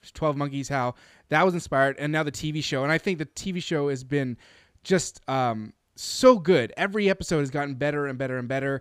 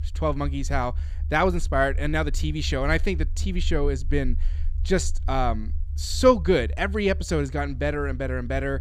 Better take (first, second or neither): first